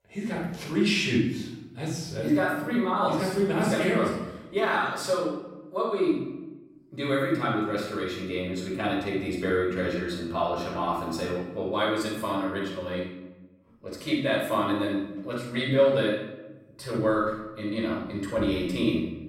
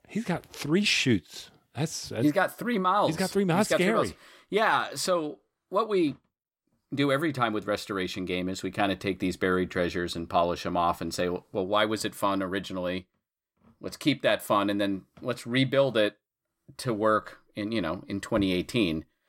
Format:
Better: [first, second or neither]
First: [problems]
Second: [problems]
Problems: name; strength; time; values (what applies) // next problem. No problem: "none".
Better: second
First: off-mic speech; far // room echo; strong; dies away in 0.9 s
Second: none